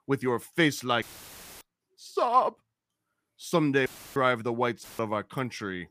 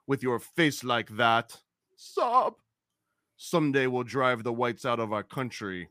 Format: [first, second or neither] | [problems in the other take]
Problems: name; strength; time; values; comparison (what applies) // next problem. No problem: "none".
second | audio cutting out; filled with static; at 1 s for 0.5 s, at 4 s and at 5 s